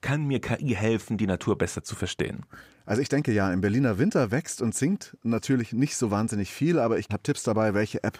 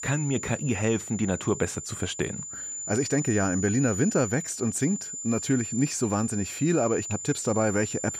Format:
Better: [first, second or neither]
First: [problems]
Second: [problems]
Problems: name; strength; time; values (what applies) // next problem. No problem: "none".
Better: first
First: none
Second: high-pitched whine; loud; throughout; 7 kHz, 7 dB below the speech